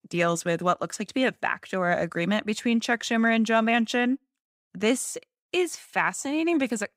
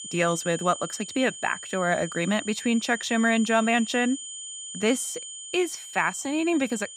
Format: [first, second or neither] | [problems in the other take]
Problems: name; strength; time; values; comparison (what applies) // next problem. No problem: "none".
first | high-pitched whine; noticeable; throughout; 7 kHz, 10 dB below the speech